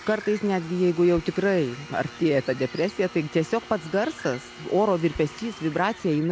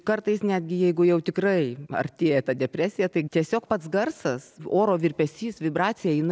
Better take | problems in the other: second | background sound (Domestic sounds, home sounds + Bird); 17 dB below the speech

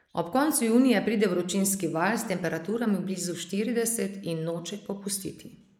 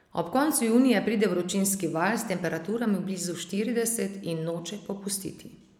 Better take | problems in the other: second | noise reduction (neural mask model Resemble Enhance denoiser)

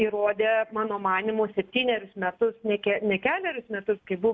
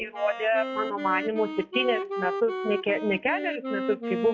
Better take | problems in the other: first | noise reduction (classical method log-MMSE)

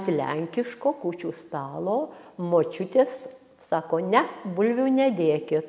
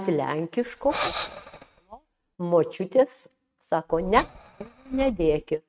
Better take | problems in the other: first | noise reduction (neural mask model RNNoise)

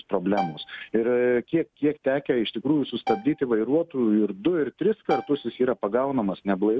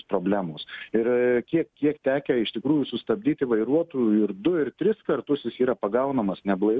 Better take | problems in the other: second | background sound (Bowed string instrument); 12 dB below the speech

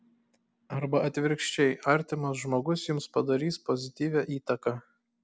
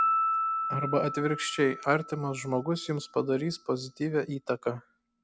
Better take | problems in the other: first | background sound (Piano); 4 dB below the speech

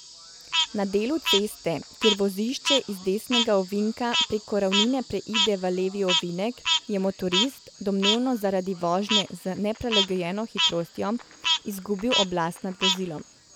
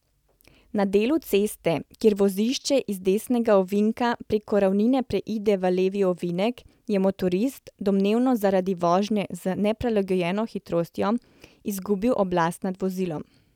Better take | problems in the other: second | background sound (Frog); 2 dB below the speech

